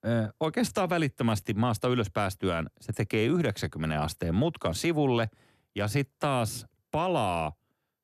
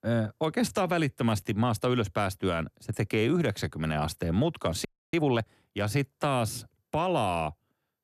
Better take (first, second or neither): first